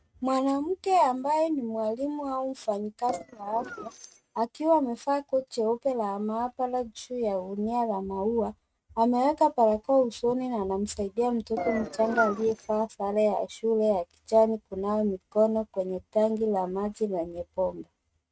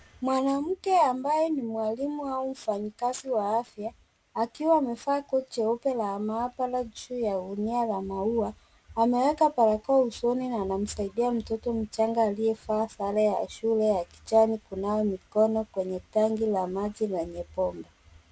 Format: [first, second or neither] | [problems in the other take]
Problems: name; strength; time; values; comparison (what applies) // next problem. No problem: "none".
second | noise reduction (neural mask model RNNoise)